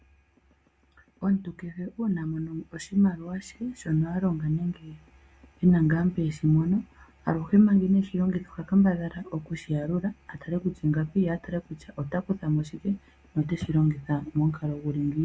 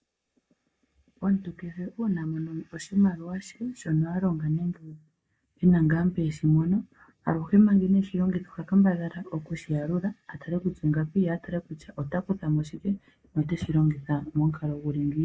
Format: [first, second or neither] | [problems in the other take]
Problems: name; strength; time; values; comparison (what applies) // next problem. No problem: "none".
first | noise reduction (neural mask model Resemble Enhance denoiser)